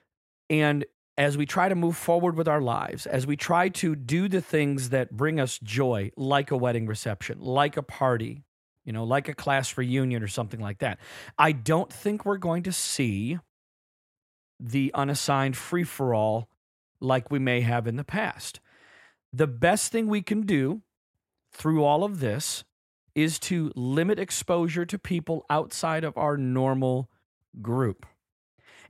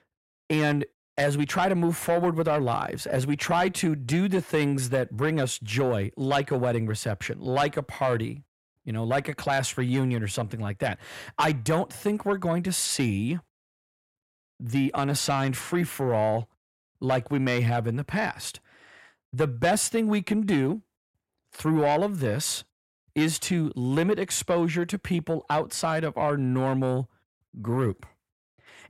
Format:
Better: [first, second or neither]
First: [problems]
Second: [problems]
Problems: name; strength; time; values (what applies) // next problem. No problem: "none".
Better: first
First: none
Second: distortion; slight; 10 dB below the speech